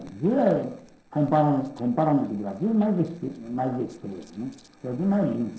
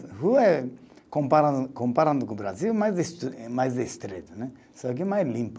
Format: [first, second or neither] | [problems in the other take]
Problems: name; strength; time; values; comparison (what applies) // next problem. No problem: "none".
second | noise reduction (neural separator model SepFormer DNS4)